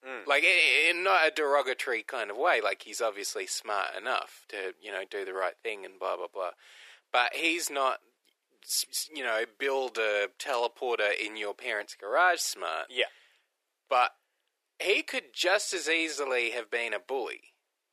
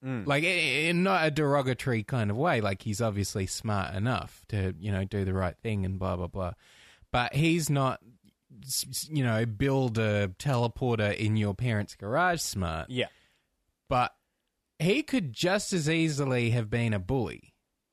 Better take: second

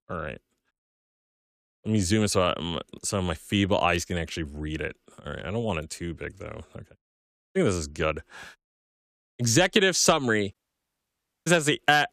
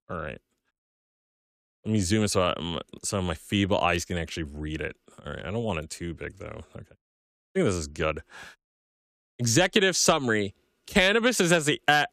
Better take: second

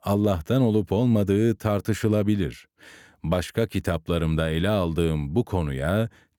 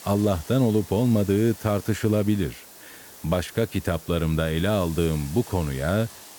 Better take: first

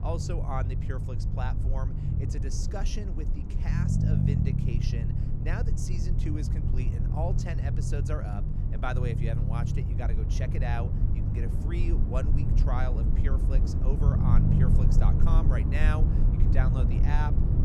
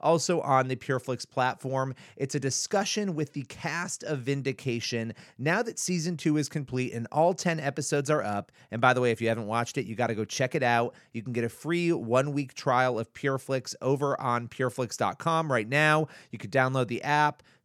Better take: second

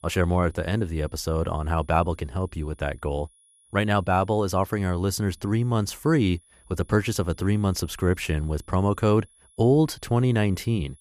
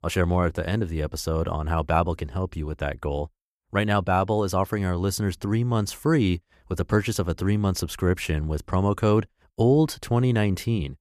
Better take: second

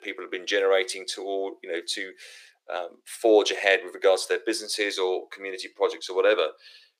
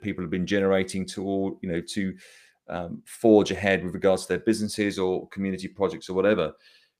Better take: second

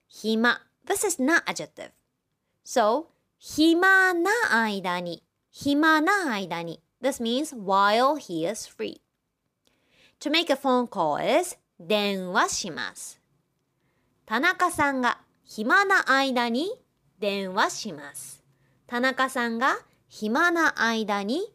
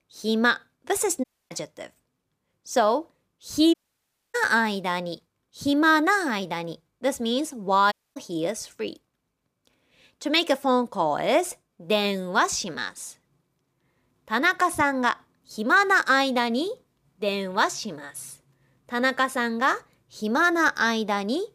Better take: first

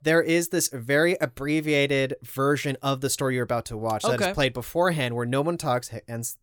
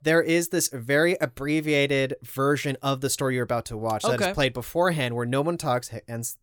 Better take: neither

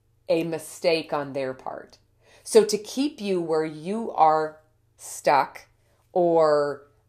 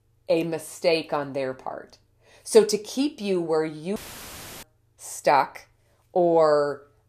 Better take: first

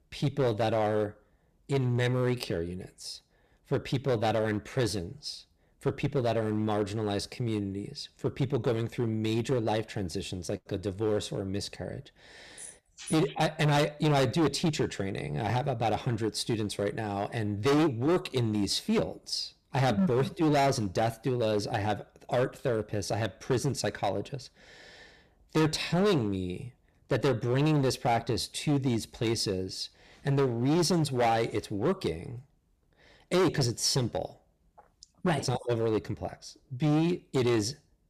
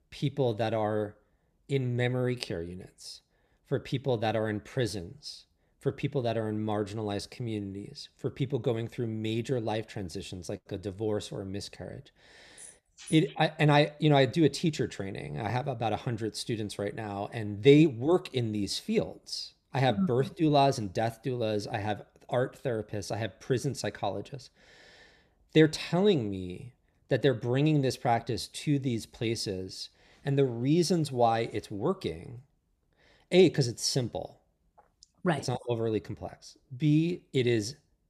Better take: second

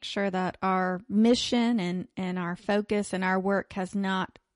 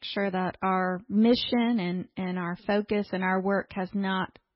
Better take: first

